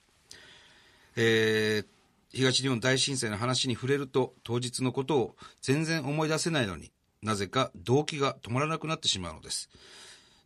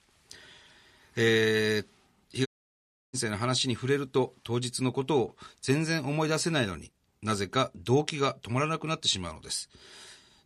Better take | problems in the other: first | audio cutting out; at 2.5 s for 0.5 s

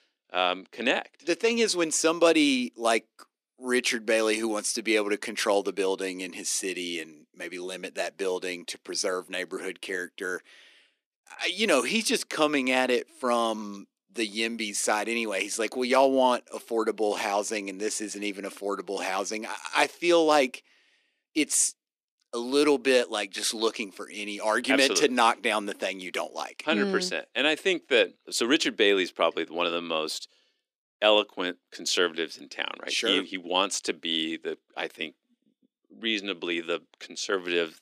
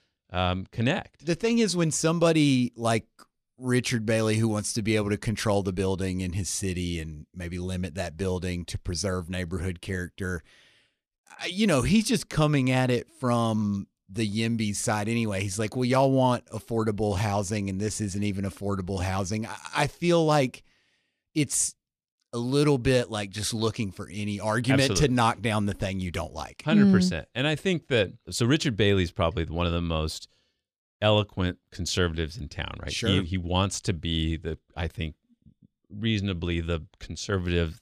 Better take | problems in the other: second | thin; somewhat; fading below 300 Hz

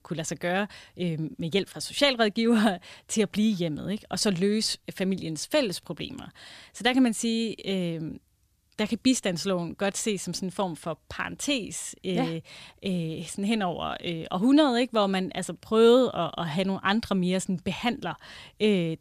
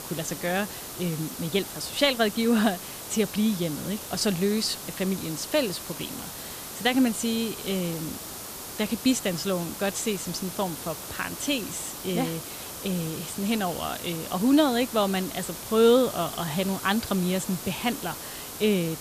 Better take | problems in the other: first | hiss; loud; throughout; 9 dB below the speech

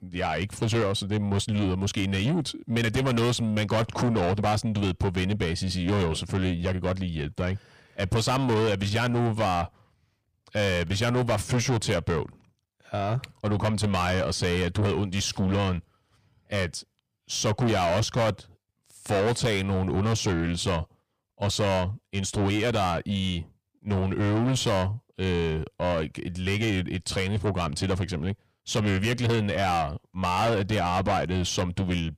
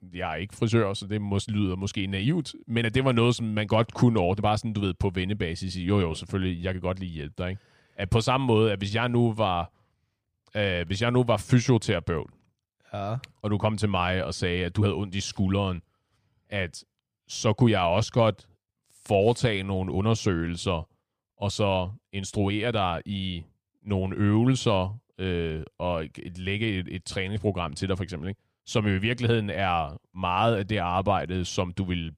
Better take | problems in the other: second | distortion; heavy; 6 dB below the speech

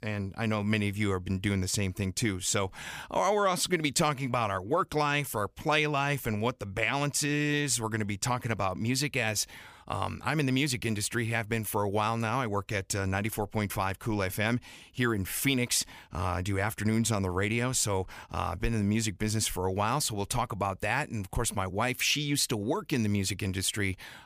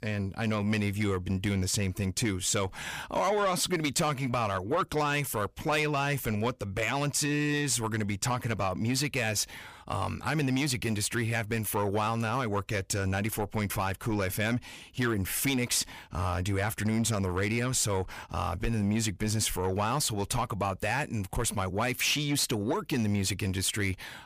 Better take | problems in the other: first | distortion; slight; 10 dB below the speech

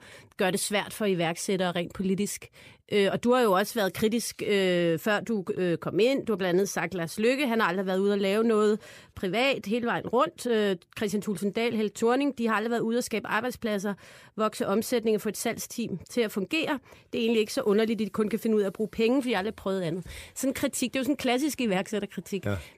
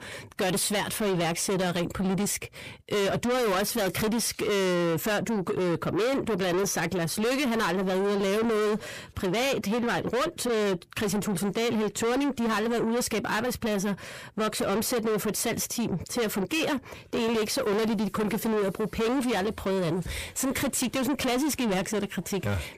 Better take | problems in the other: first | distortion; heavy; 6 dB below the speech

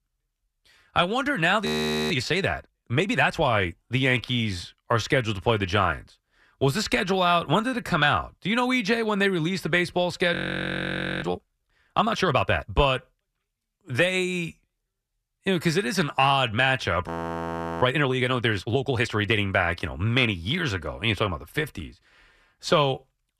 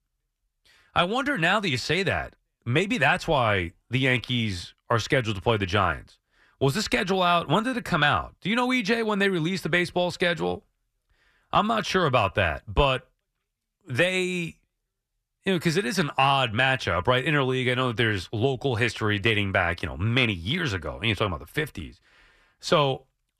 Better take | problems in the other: second | audio freezing; at 1.5 s, at 10 s for 1 s and at 17 s for 0.5 s

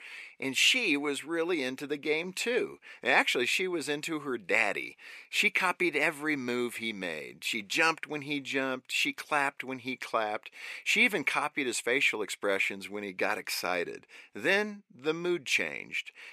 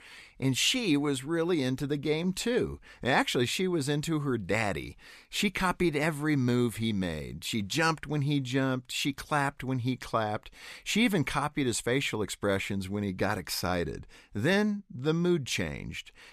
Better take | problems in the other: second | thin; somewhat; fading below 400 Hz

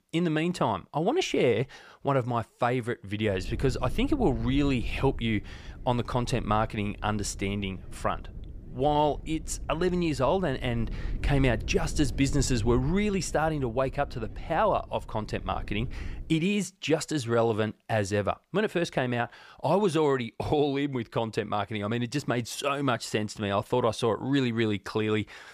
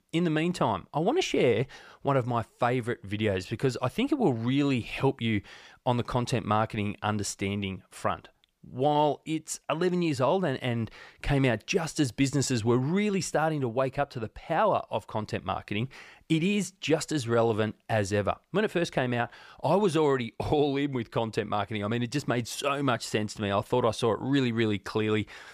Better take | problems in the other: second | low rumble; faint; from 3.5 to 16 s; 25 dB below the speech

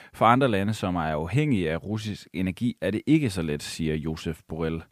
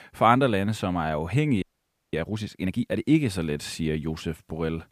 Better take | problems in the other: first | audio freezing; at 1.5 s for 0.5 s

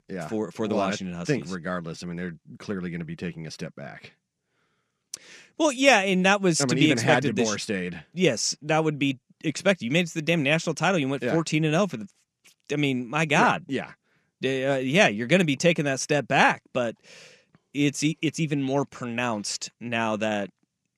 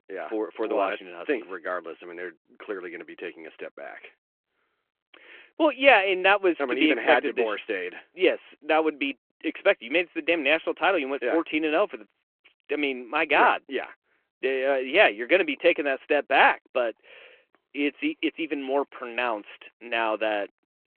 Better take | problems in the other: first | phone-call audio

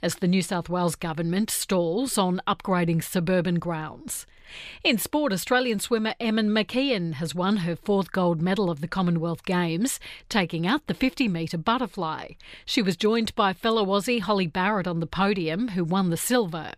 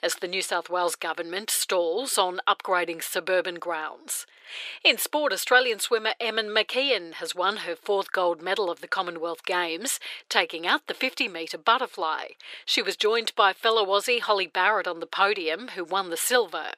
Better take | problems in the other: first | thin; very; fading below 400 Hz

